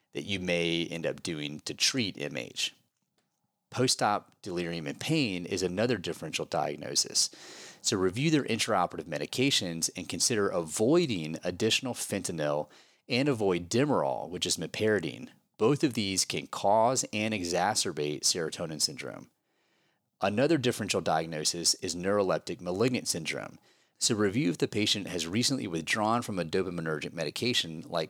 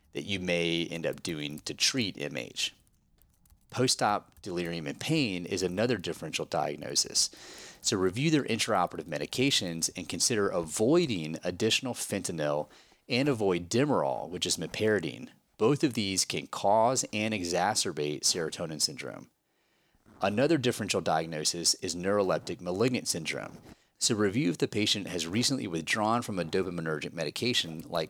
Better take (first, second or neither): first